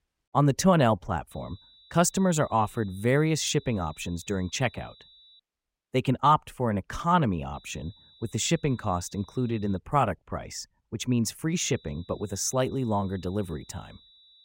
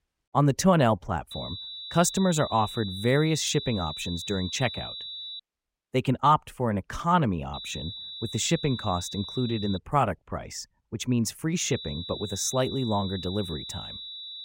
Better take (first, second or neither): first